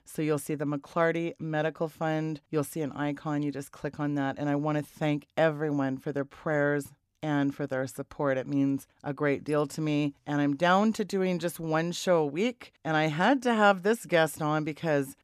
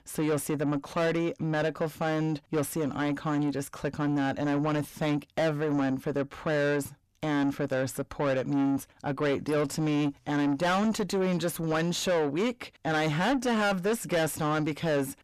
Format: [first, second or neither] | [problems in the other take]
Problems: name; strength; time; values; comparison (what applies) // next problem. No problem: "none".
first | distortion; heavy; 6 dB below the speech